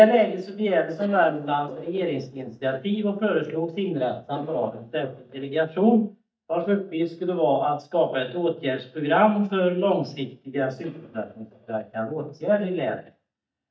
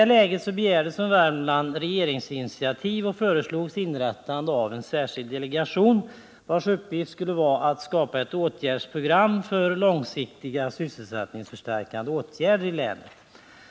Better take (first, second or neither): second